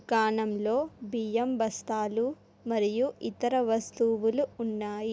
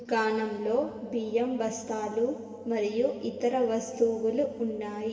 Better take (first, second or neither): first